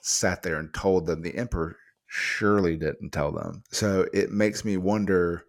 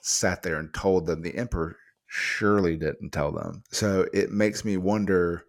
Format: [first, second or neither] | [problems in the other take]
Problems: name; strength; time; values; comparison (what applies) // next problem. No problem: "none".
neither | none